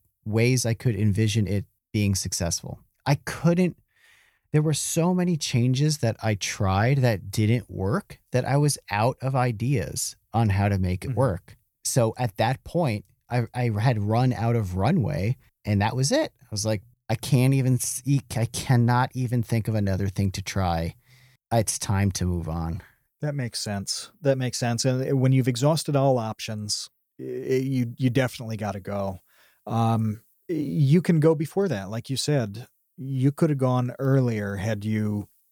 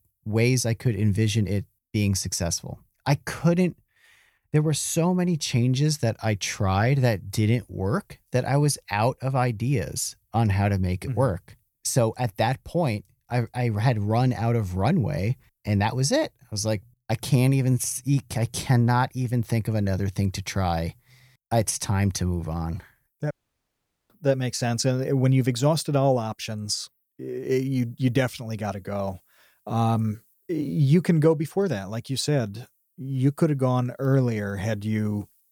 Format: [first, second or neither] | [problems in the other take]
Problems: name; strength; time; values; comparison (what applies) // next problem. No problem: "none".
first | audio cutting out; at 23 s for 1 s